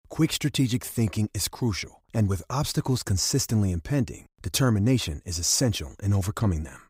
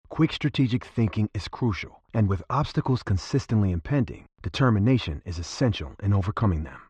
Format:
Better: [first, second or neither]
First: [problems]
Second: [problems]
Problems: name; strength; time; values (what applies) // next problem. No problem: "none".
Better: first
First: none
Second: muffled; very; fading above 3.5 kHz